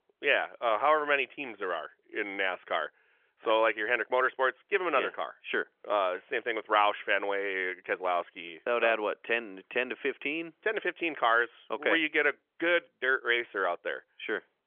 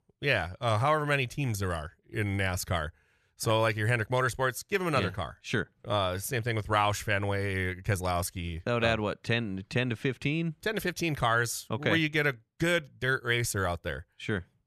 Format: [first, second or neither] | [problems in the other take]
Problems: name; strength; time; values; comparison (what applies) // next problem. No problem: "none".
second | phone-call audio; nothing above 3.5 kHz